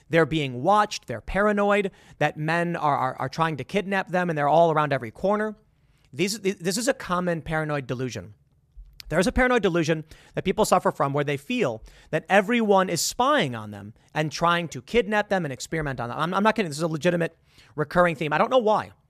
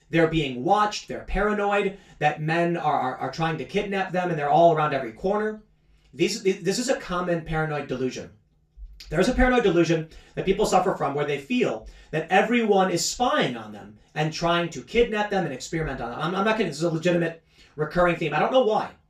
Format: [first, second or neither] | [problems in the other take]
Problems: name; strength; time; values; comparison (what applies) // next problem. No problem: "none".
first | room echo; slight; dies away in 0.2 s // off-mic speech; far